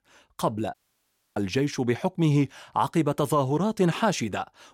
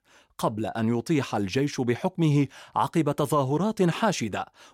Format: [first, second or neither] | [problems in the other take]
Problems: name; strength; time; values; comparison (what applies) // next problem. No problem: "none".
second | audio cutting out; at 0.5 s for 0.5 s